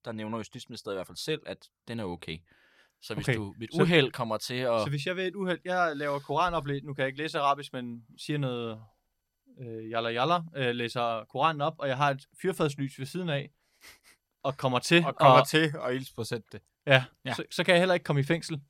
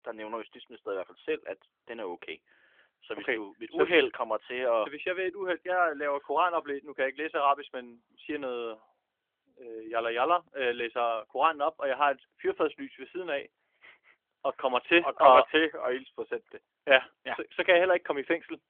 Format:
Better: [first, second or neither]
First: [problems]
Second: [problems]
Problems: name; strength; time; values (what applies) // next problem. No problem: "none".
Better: first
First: none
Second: phone-call audio; nothing above 3.5 kHz